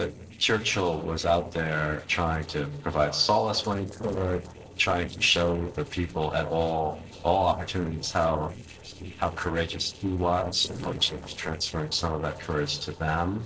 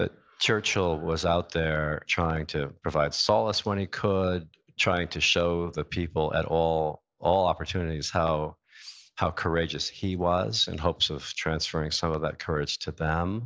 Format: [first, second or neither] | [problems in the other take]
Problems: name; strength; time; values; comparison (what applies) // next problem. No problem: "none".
second | noise reduction (neural separator model SepFormer DNS4)